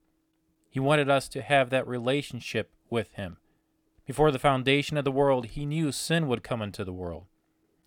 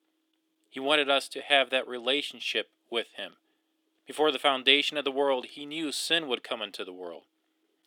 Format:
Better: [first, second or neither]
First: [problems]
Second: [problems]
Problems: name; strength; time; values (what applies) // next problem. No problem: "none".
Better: first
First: none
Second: thin; very slightly; fading below 300 Hz